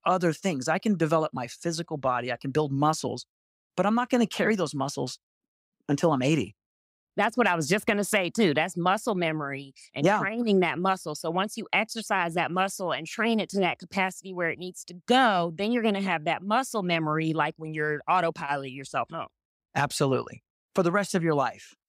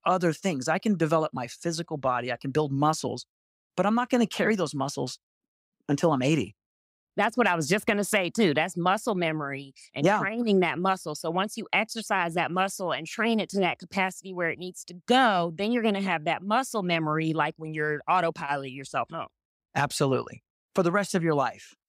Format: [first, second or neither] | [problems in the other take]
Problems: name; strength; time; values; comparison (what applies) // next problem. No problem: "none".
neither | none